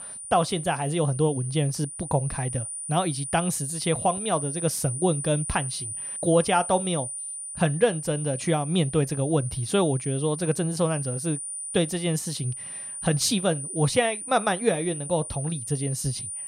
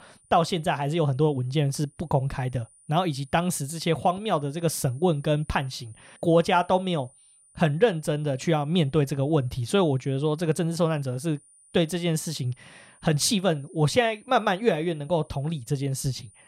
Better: second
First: high-pitched whine; loud; throughout; 9.5 kHz, 7 dB below the speech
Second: high-pitched whine; faint; throughout; 9.5 kHz, 30 dB below the speech

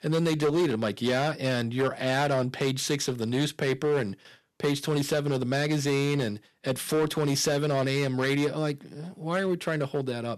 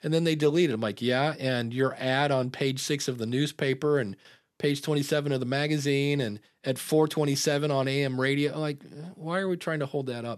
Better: second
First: distortion; slight; 9% of the sound clipped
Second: none

